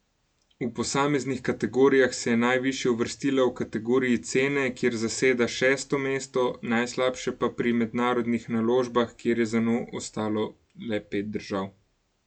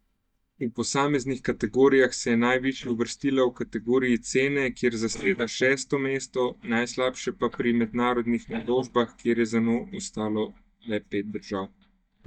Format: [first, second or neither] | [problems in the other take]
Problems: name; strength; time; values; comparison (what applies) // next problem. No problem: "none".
first | noise reduction (neural mask model DeepFilterNet 3)